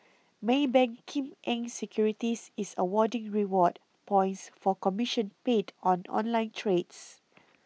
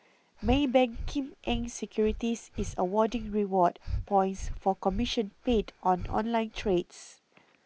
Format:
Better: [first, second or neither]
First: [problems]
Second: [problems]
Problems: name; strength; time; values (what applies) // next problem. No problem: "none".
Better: first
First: none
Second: background sound (Breathing); 9 dB below the speech